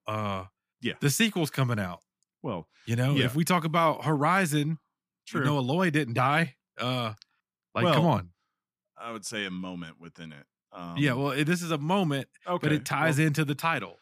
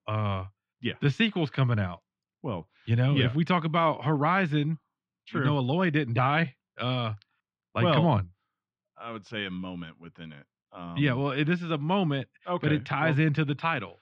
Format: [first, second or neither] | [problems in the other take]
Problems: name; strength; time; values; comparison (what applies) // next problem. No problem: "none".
first | muffled; slightly; fading above 3.5 kHz